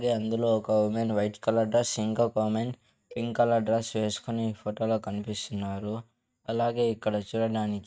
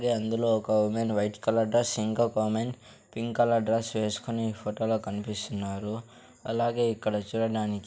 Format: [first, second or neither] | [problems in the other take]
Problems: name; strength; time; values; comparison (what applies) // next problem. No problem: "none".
second | noise reduction (neural mask model RNNoise)